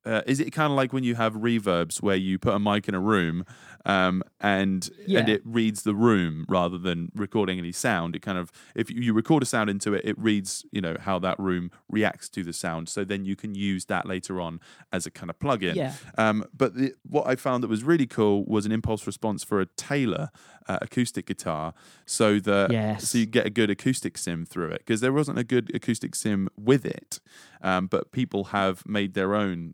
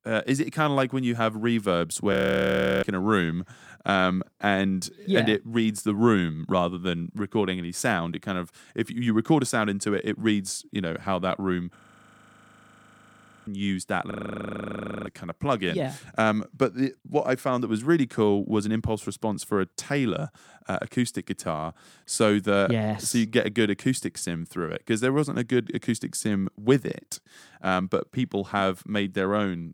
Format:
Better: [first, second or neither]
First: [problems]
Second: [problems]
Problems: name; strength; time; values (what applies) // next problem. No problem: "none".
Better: first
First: none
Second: audio freezing; at 2 s for 0.5 s, at 12 s for 1.5 s and at 14 s for 1 s